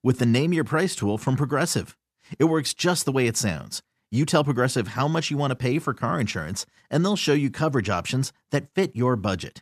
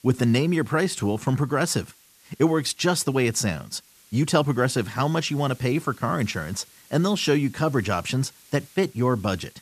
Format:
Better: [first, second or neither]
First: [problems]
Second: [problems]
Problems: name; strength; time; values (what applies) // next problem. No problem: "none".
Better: first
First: none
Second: hiss; faint; throughout; 25 dB below the speech